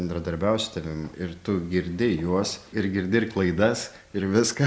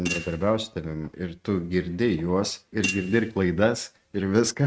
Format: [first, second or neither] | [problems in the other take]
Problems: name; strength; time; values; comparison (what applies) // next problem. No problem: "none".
first | noise reduction (neural mask model RNNoise)